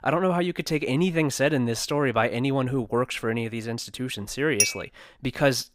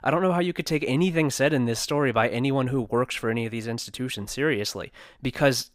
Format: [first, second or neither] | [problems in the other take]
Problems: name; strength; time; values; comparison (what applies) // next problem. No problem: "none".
second | clattering dishes; loud; at 4.5 s; peak 3 dB above the speech